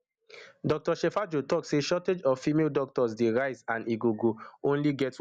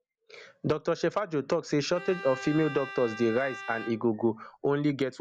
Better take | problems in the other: first | background sound (Bowed string instrument); 13 dB below the speech

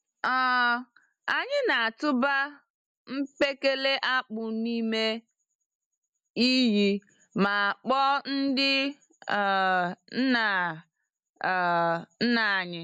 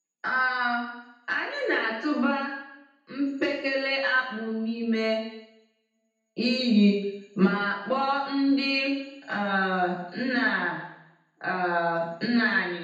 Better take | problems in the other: first | room echo; dies away in 0.8 s

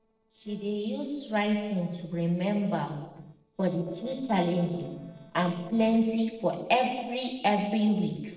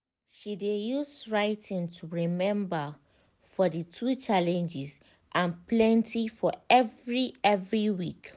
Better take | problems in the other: second | noise reduction (neural separator model SepFormer DNS4)

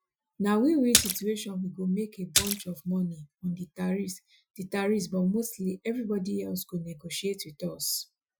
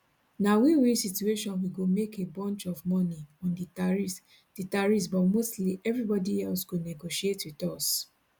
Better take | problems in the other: second | noise reduction (classical method Wiener filter)

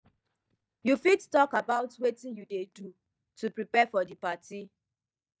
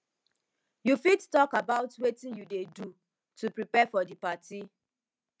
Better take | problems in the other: second | noise reduction (neural mask model DeepFilterNet 3)

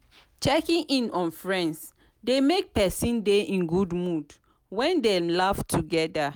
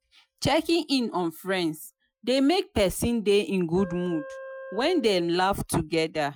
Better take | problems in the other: first | noise reduction (classical method Wiener filter)

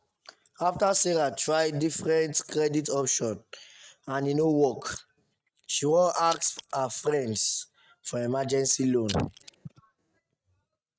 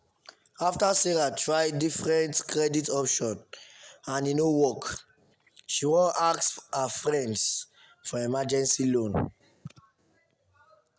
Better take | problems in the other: second | noise reduction (neural mask model RNNoise)

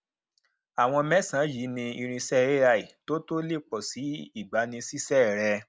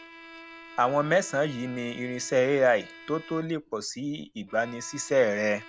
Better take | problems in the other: first | background sound (Bowed string instrument); 20 dB below the speech

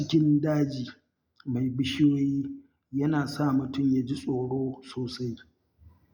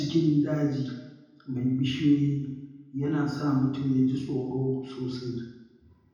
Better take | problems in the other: first | room echo; dies away in 0.9 s

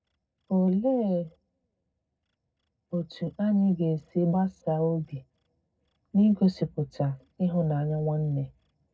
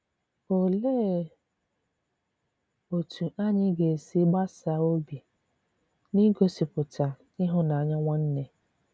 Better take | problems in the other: second | noise reduction (neural separator model SepFormer DNS4)

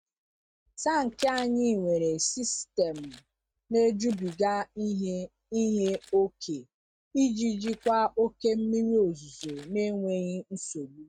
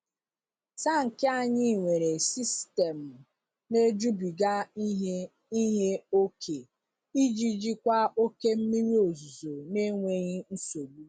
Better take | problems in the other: second | noise reduction (neural mask model RNNoise)

